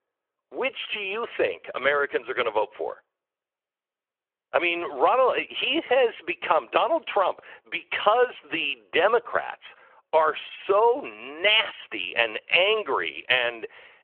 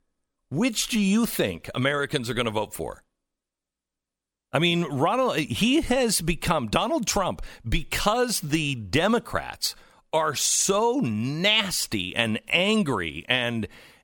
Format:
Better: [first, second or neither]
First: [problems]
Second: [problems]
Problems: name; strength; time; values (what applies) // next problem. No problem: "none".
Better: second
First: phone-call audio; nothing above 3 kHz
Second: none